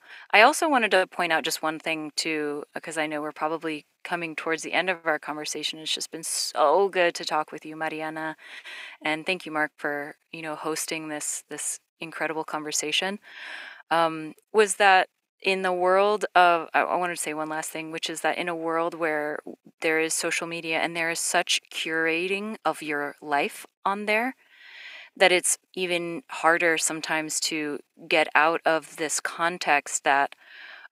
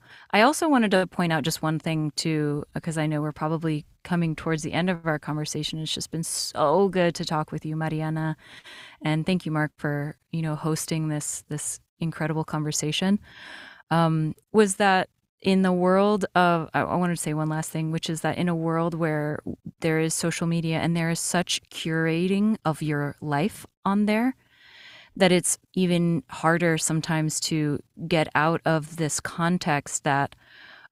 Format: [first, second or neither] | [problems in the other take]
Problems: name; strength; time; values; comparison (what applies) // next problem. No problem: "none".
second | thin; very; fading below 350 Hz